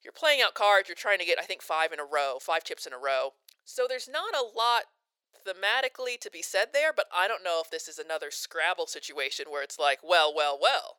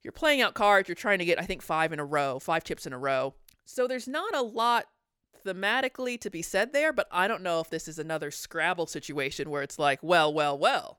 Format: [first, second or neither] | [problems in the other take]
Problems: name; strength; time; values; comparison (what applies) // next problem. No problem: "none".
second | thin; very; fading below 500 Hz